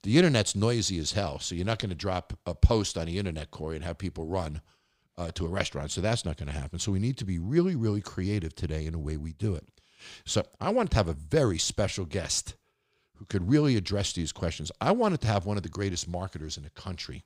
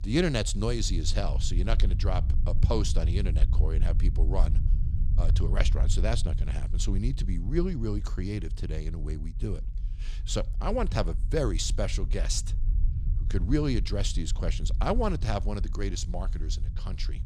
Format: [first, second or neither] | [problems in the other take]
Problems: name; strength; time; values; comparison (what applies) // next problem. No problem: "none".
first | low rumble; noticeable; throughout; 15 dB below the speech